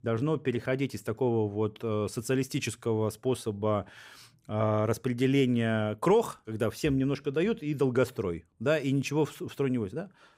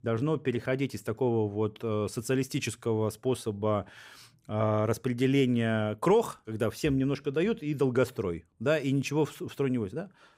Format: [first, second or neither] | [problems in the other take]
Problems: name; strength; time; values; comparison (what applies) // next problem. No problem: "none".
neither | none